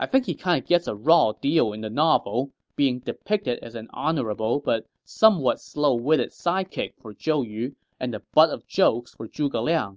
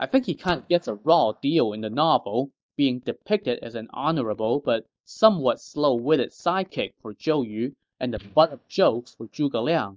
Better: first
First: none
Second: noise reduction (neural mask model DeepFilterNet 3)

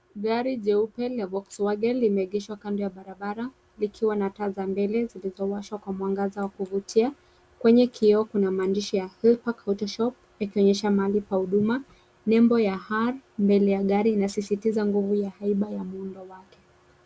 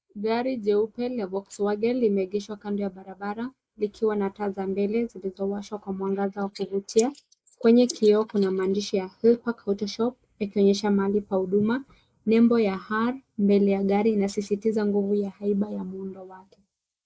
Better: first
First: none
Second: noise reduction (neural mask model Resemble Enhance denoiser)

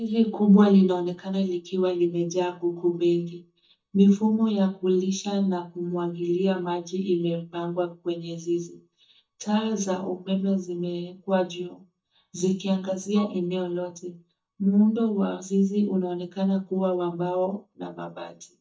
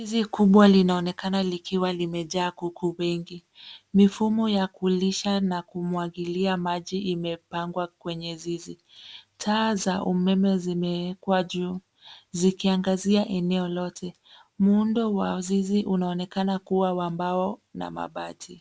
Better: second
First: noise reduction (neural mask model DeepFilterNet 3)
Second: none

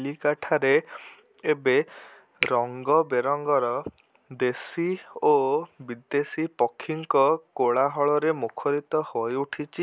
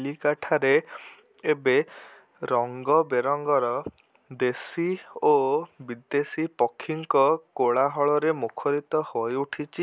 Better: second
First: background sound (Finger snapping); 13 dB below the speech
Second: none

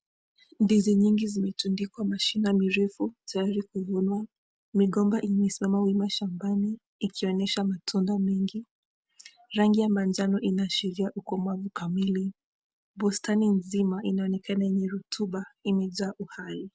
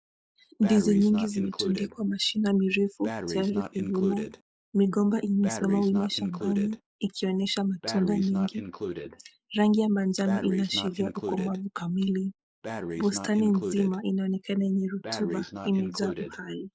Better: first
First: none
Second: noise reduction (neural mask model Resemble Enhance denoiser)

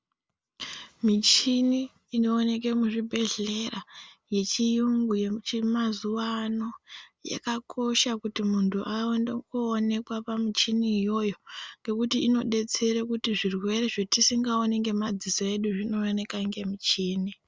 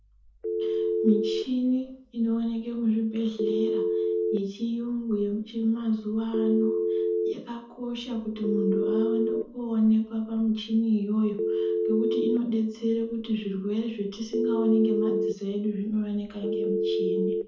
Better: first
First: none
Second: background sound (Telephone); 2 dB below the speech // room echo; dies away in 0.6 s

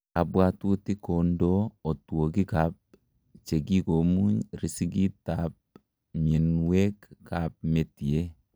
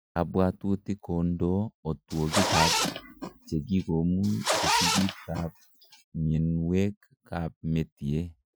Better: first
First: none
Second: noise reduction (classical method Wiener filter)

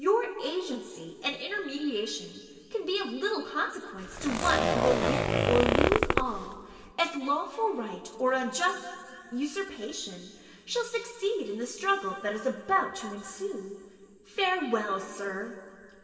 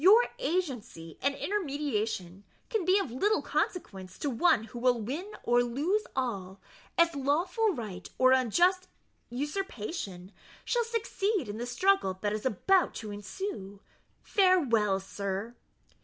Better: second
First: background sound (Zipper (clothing)); 4 dB above the speech // room echo; dies away in 2.7 s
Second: none

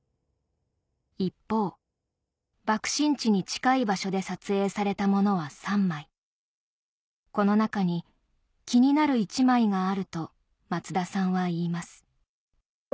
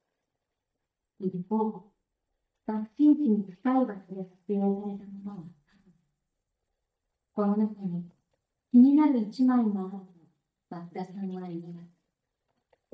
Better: first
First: none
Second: noise reduction (neural mask model DeepFilterNet 3)

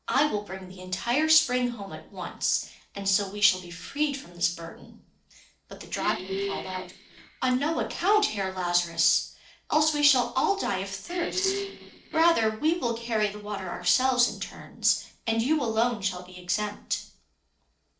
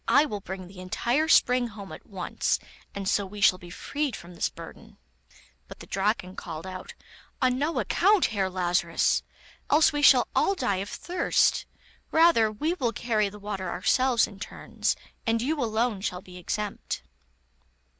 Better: second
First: noise reduction (neural separator model SepFormer DNS4)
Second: none

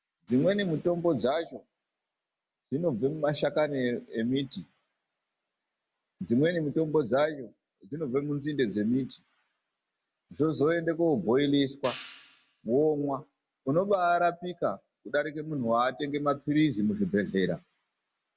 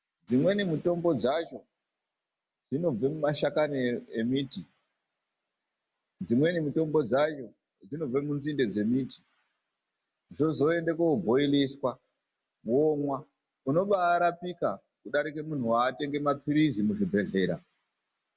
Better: second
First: background sound (Hi-hat); 19 dB below the speech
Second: none

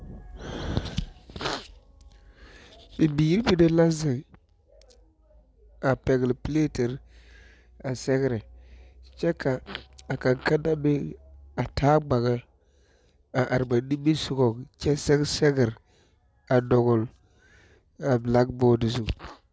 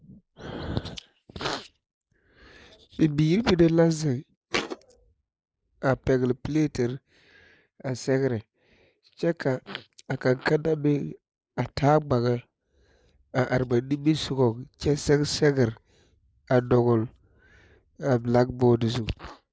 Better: first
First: none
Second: noise reduction (neural mask model Resemble Enhance denoiser)

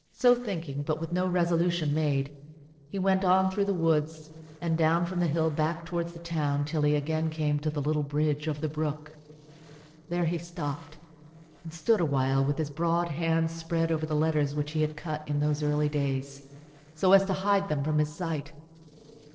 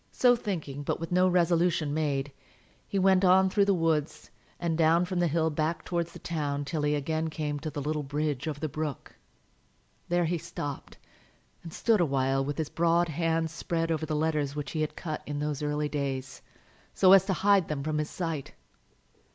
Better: second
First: noise reduction (neural separator model SepFormer DNS4)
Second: none

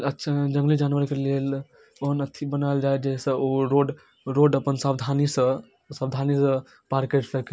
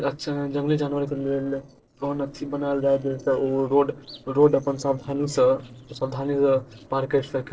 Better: first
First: none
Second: noise reduction (neural separator model SepFormer DNS4)

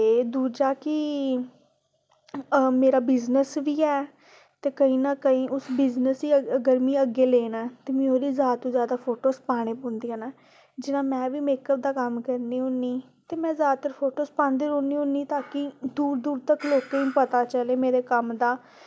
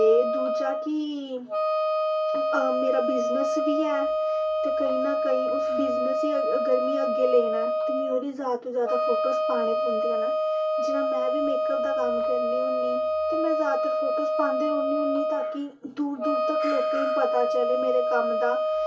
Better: first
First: none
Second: background sound (Wind instrument, woodwind instrument); 4 dB above the speech // room echo; dies away in 0.2 s

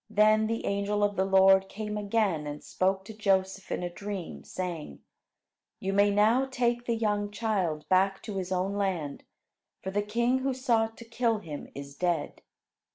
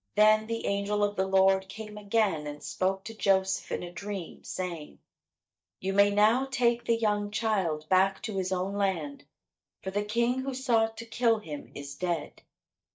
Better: first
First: none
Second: noise reduction (neural mask model DeepFilterNet 3)

